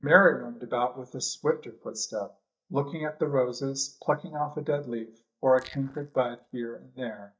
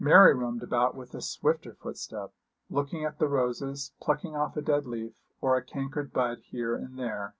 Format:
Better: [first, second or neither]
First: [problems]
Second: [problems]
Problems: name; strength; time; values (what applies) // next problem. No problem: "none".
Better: second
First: noise reduction (neural mask model DeepFilterNet 3)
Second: none